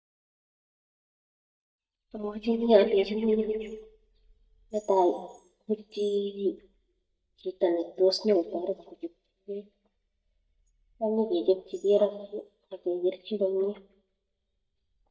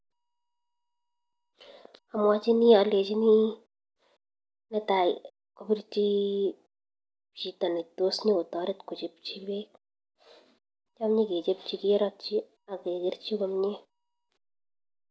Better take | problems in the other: second | noise reduction (neural mask model DeepFilterNet 3)

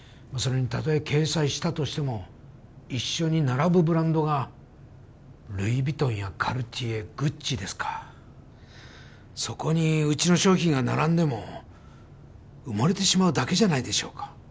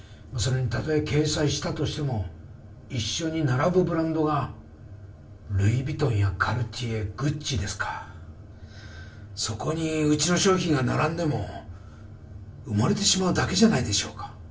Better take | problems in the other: first | room echo; dies away in 0.3 s

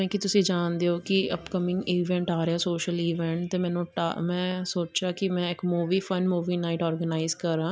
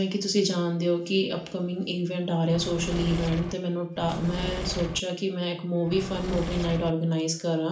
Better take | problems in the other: first | background sound (Engine / Mechanisms); 6 dB below the speech // room echo; dies away in 0.4 s

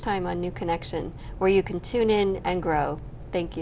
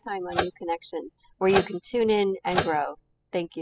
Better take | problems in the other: first | noise reduction (classical method spectral subtraction)

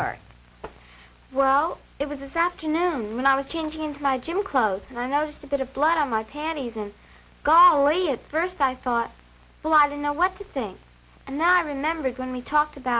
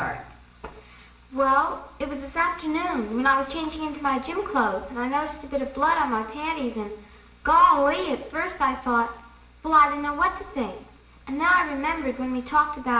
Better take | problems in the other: first | room echo; dies away in 0.8 s

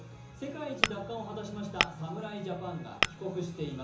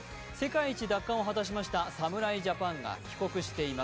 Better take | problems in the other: second | background sound (Tap / Glass); 4 dB above the speech // room echo; dies away in 0.7 s

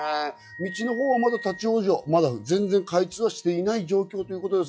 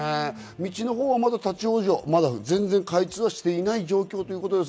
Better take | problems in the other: second | noise reduction (classical method log-MMSE)

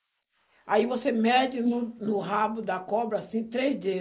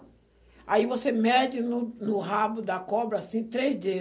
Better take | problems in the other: second | noise reduction (neural mask model Resemble Enhance denoiser)

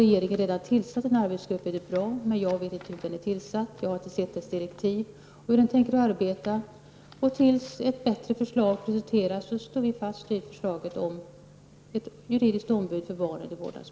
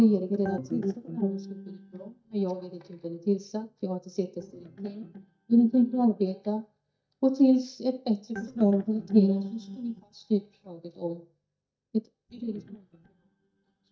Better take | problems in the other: first | noise reduction (neural mask model DeepFilterNet 3)

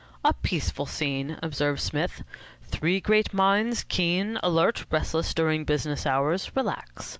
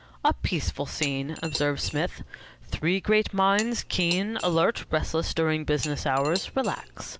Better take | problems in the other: first | background sound (Cutlery, silverware / Dishes, pots, and pans); 13 dB below the speech

